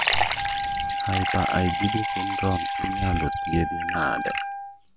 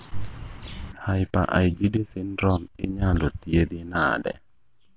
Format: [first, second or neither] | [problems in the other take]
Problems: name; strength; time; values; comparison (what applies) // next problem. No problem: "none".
second | background sound (Liquid + Wind instrument, woodwind instrument); 1 dB above the speech